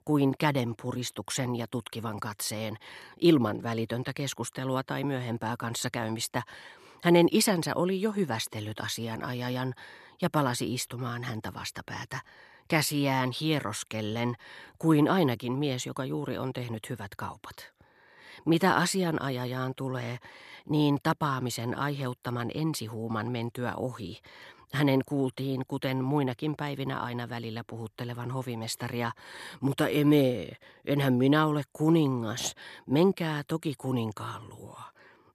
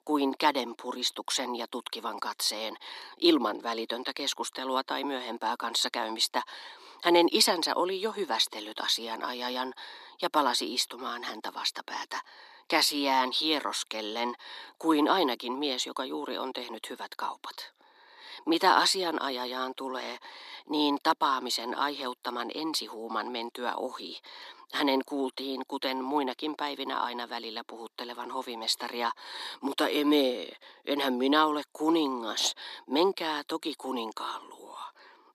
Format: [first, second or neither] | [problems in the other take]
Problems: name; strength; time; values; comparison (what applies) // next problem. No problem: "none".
first | thin; somewhat; fading below 250 Hz